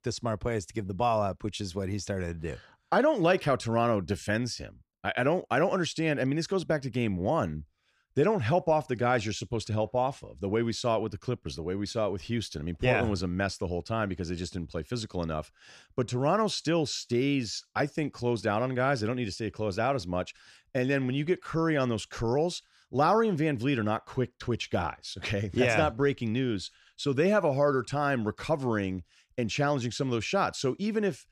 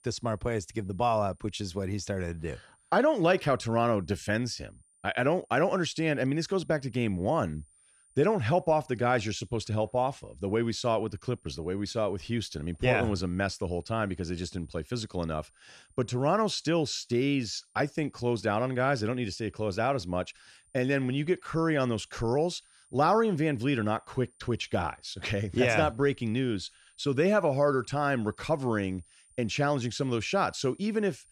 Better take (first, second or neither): first